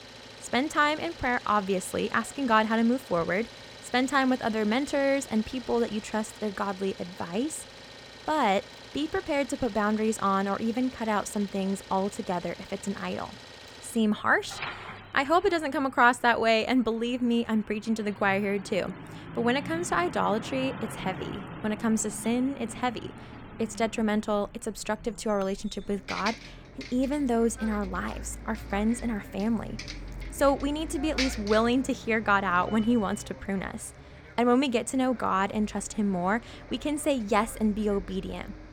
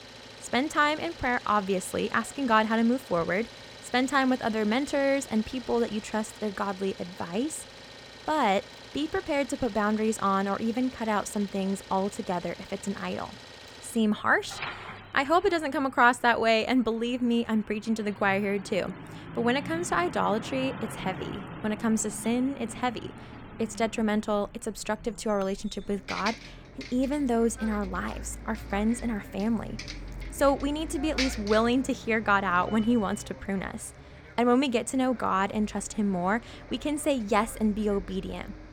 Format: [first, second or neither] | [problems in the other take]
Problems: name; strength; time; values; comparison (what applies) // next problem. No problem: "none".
neither | traffic noise; noticeable; throughout; 15 dB below the speech; the same in both